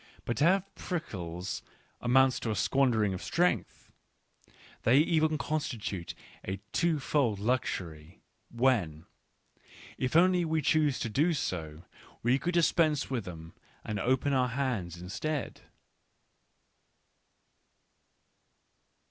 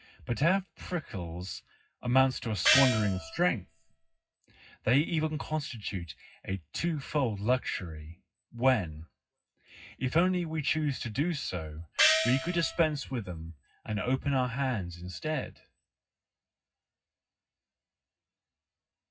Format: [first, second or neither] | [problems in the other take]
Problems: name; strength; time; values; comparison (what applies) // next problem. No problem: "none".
first | noise reduction (classical method WPE with log-MMSE)